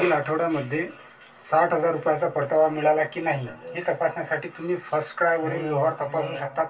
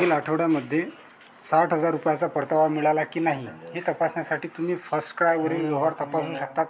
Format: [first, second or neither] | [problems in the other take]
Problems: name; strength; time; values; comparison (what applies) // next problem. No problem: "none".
second | room echo; dies away in 0.1 s